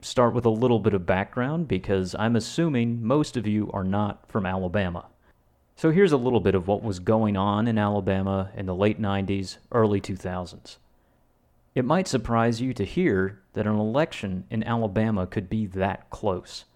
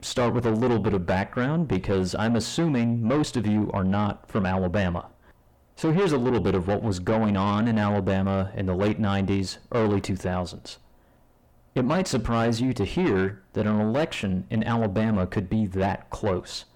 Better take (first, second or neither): first